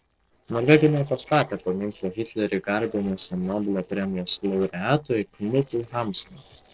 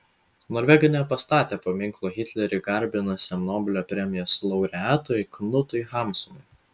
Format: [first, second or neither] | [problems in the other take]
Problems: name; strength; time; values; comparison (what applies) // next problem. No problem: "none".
second | noise reduction (neural separator model SepFormer DNS4)